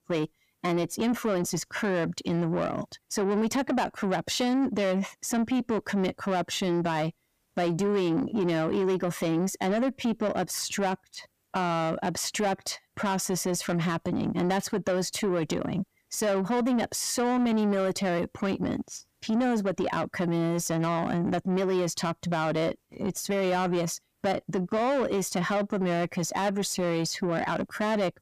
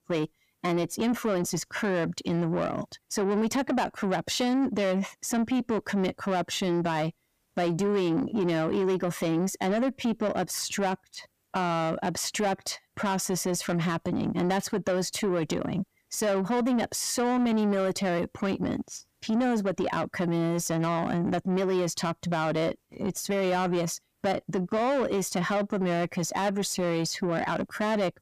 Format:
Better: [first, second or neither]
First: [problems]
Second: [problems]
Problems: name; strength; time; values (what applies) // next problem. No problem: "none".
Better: neither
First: distortion; slight; 10 dB below the speech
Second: distortion; slight; 10 dB below the speech